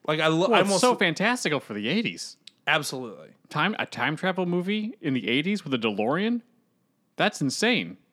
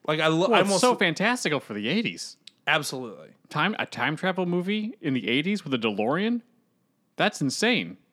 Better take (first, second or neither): neither